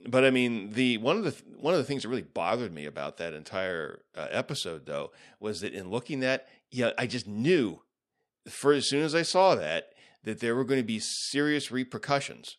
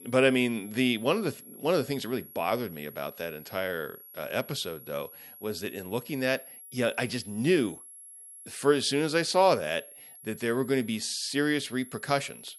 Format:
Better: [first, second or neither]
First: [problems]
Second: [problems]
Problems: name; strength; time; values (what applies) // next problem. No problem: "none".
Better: first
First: none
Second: high-pitched whine; noticeable; throughout; 11 kHz, 15 dB below the speech